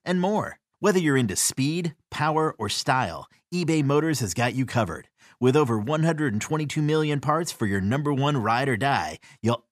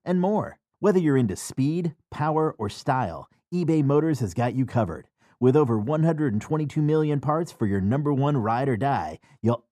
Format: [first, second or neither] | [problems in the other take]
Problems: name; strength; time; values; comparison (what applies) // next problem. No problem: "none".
first | muffled; slightly; fading above 1.5 kHz